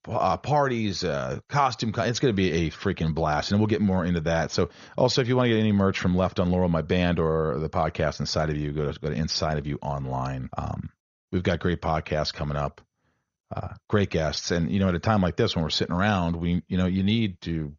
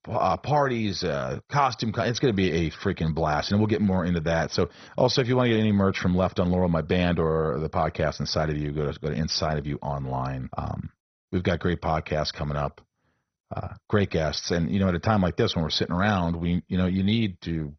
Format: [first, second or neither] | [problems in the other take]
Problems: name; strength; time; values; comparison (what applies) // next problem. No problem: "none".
first | garbled, watery; badly; nothing above 6 kHz; slightly in the first